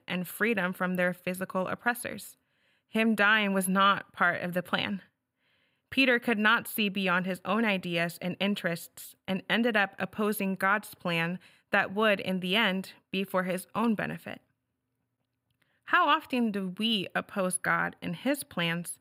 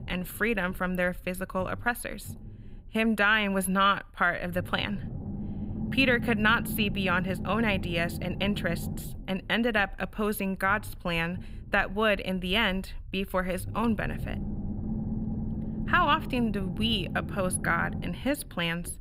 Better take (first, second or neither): first